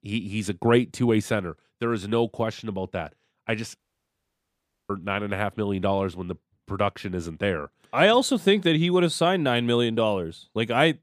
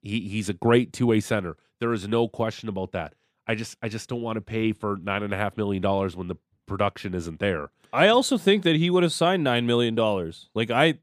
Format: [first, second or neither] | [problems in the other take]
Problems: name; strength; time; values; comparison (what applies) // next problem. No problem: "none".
second | audio cutting out; at 4 s for 1 s